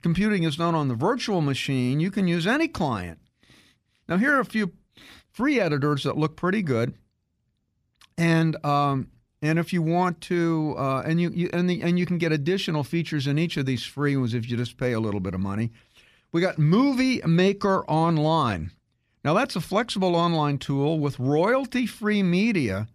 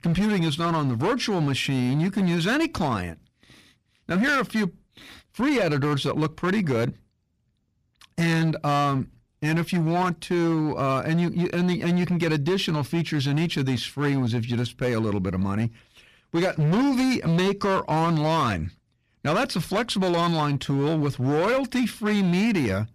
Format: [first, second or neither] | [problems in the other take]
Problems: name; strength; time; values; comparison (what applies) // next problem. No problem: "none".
first | distortion; slight; 15% of the sound clipped